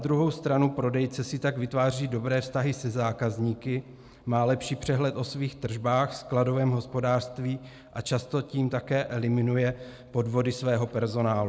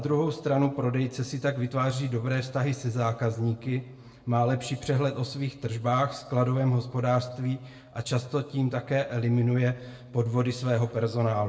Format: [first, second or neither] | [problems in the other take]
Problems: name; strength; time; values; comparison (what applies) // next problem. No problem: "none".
first | room echo; dies away in 0.5 s